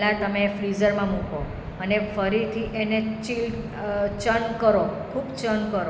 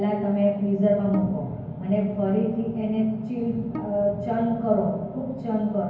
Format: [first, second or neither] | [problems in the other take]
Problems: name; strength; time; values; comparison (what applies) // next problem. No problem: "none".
first | background sound (Bowed string instrument); 18 dB below the speech // room echo; dies away in 0.9 s